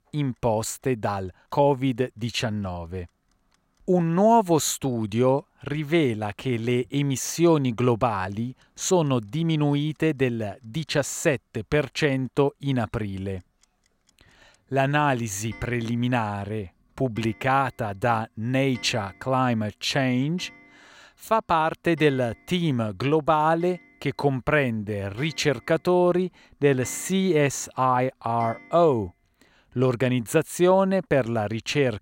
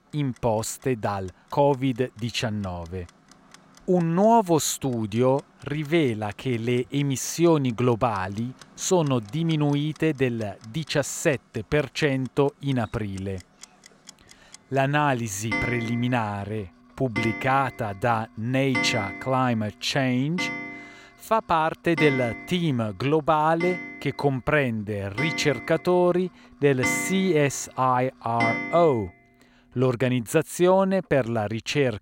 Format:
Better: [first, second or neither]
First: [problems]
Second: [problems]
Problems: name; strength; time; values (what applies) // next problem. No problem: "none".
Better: first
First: household noises; faint; throughout; 25 dB below the speech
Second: household noises; loud; throughout; 6 dB below the speech